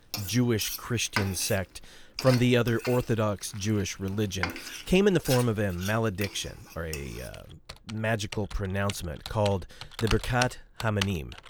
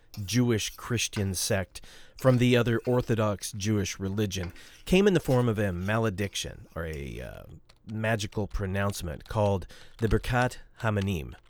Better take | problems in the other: second | household noises; loud; throughout; 9 dB below the speech; faint in the second

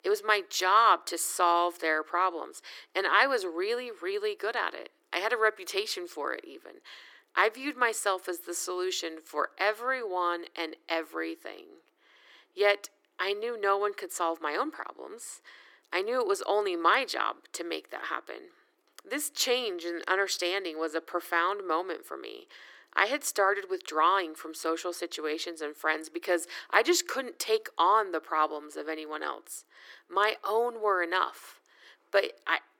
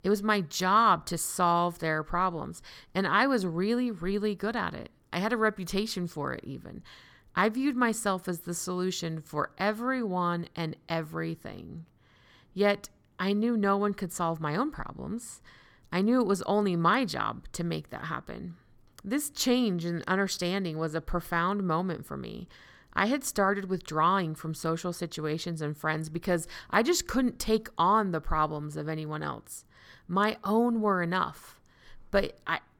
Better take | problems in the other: second | thin; very; fading below 300 Hz

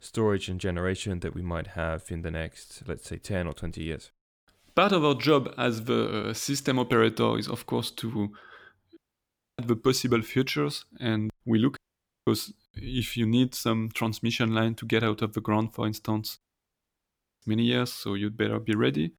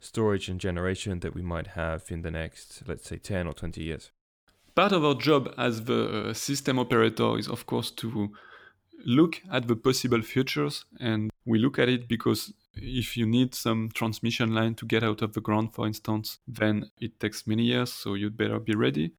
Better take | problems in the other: second | audio cutting out; at 9 s for 0.5 s, at 12 s for 0.5 s and at 16 s for 1 s

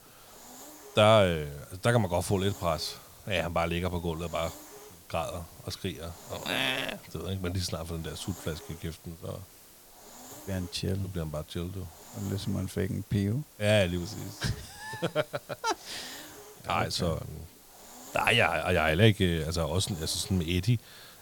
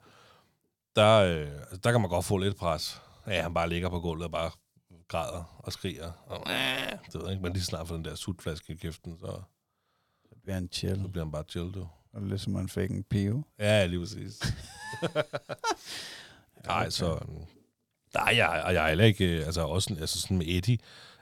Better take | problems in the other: second | hiss; noticeable; throughout; 20 dB below the speech

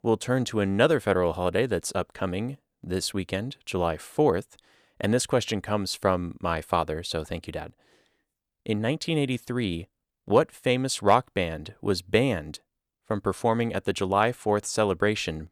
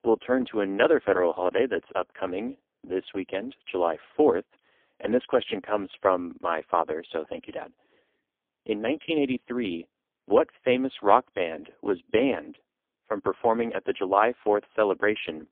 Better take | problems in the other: first | phone-call audio; poor line; nothing above 3.5 kHz

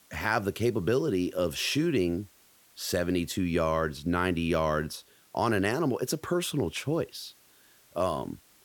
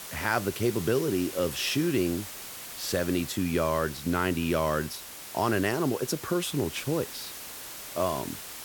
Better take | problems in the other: first | hiss; loud; throughout; 10 dB below the speech; faint in the first

